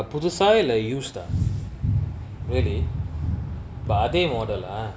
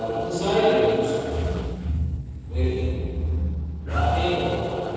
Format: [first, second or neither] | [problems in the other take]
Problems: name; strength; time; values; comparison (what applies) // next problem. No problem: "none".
first | noise reduction (neural separator model SepFormer DNS4)